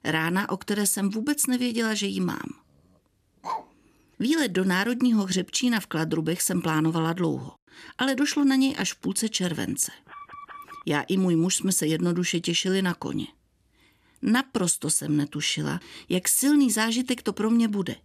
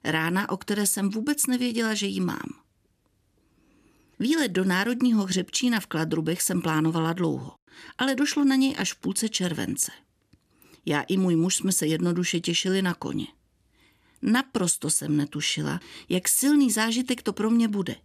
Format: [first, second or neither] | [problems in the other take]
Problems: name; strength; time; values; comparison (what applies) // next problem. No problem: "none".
second | dog barking; noticeable; at 3.5 s; peak 9 dB below the speech // alarm; faint; at 10 s; peak 15 dB below the speech